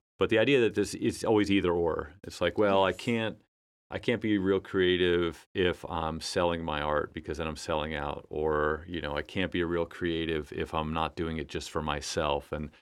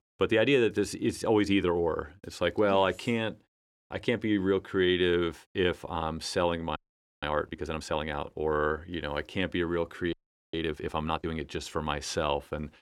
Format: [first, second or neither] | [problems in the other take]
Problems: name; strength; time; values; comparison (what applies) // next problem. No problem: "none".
first | audio freezing; at 7 s and at 10 s